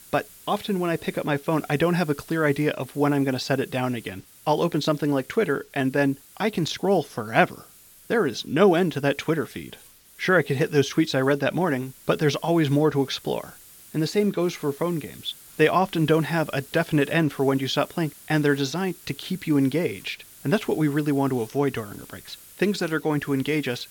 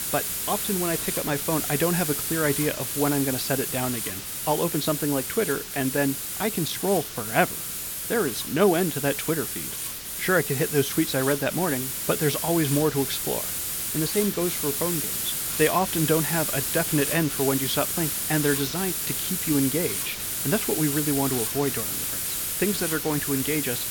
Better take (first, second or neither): first